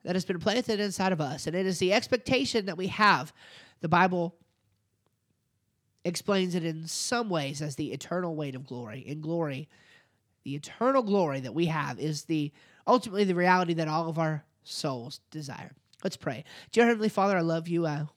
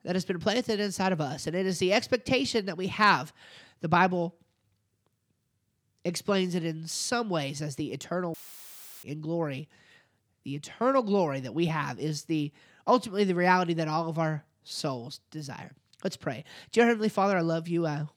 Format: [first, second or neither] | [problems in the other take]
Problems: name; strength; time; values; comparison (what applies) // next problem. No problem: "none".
first | audio cutting out; filled with static; at 8.5 s for 0.5 s